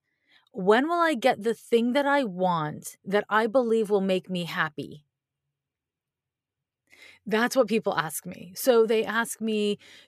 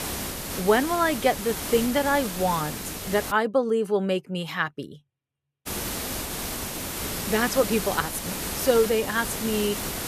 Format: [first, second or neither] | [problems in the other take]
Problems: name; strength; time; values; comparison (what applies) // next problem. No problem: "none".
first | hiss; loud; until 3.5 s and from 5.5 s on; 6 dB below the speech